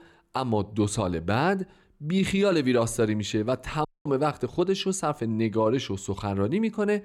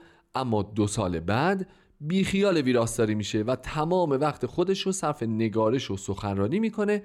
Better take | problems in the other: second | audio cutting out; at 4 s

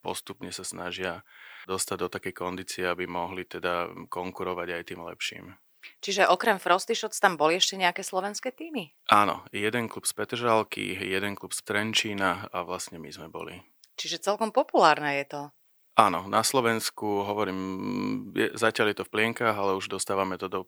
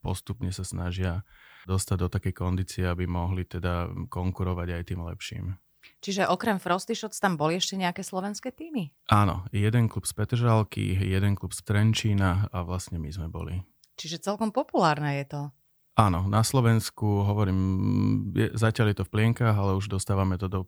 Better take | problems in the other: second | thin; very; fading below 400 Hz

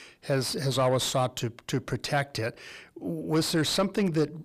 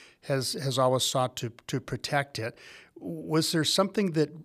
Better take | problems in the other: second | distortion; slight; 10 dB below the speech

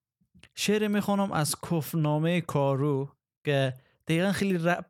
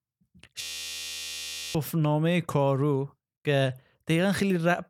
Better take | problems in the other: first | audio freezing; at 0.5 s for 1 s

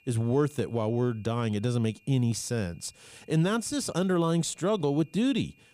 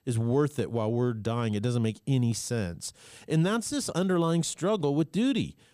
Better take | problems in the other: second | high-pitched whine; faint; throughout; 2.5 kHz, 30 dB below the speech

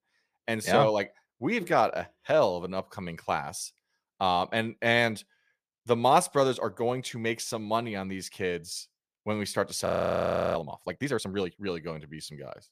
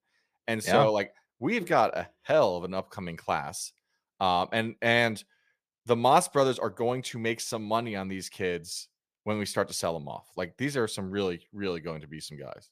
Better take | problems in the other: second | audio freezing; at 10 s for 0.5 s

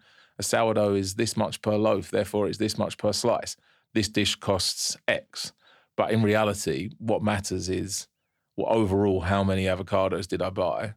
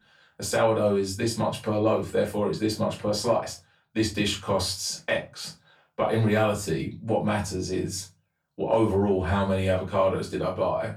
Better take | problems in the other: first | off-mic speech; far // room echo; very slight; dies away in 0.2 s

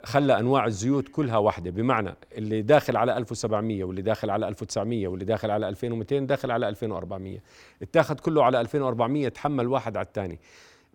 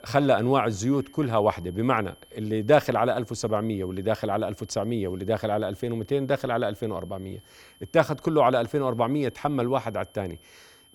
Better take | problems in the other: first | high-pitched whine; faint; throughout; 3 kHz, 30 dB below the speech

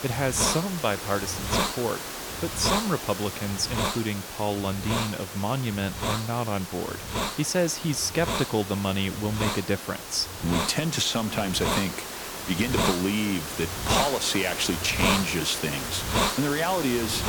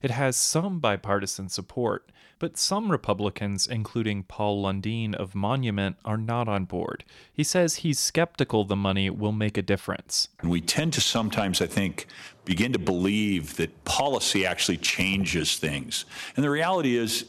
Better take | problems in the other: second | hiss; loud; throughout; 3 dB below the speech

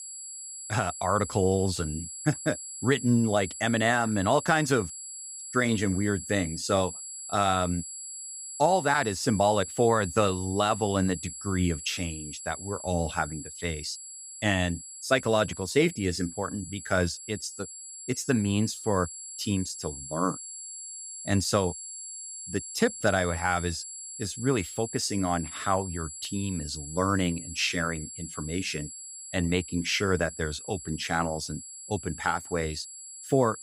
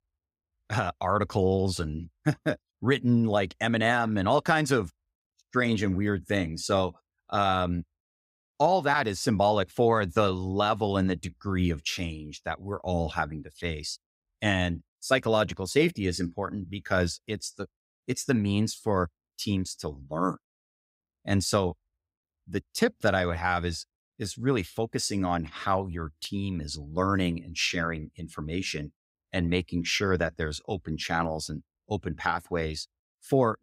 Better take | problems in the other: second | high-pitched whine; loud; throughout; 7.5 kHz, 10 dB below the speech

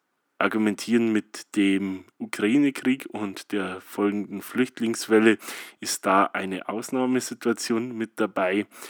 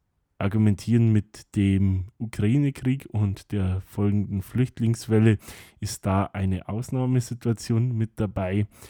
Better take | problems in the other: second | thin; somewhat; fading below 300 Hz

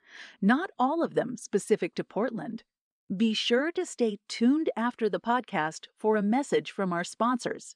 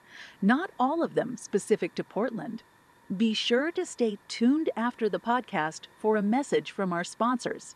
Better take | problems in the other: first | hiss; faint; throughout; 30 dB below the speech

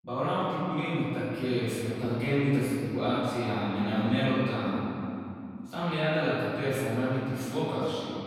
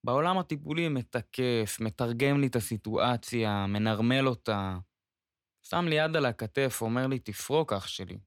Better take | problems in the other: second | off-mic speech; far // room echo; strong; dies away in 2.8 s

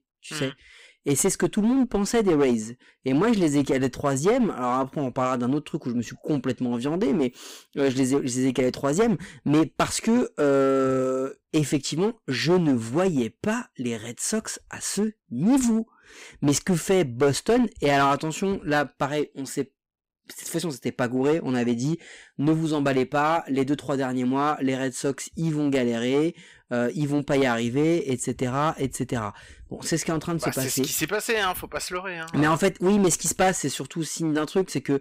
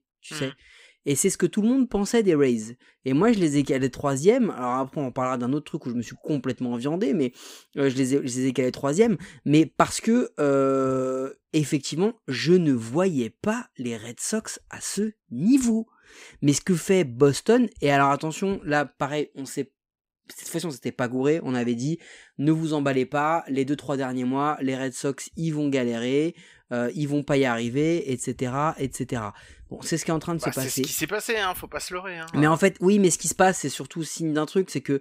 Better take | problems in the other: second | distortion; slight; 7% of the sound clipped

